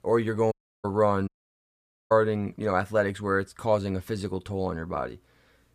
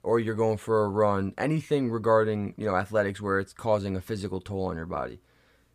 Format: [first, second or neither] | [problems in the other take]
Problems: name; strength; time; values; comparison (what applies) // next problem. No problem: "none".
second | audio cutting out; at 0.5 s and at 1.5 s for 1 s